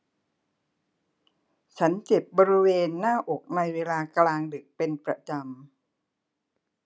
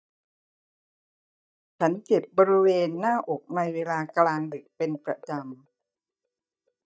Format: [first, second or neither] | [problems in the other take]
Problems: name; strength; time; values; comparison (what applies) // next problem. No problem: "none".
first | noise reduction (neural mask model DeepFilterNet 3)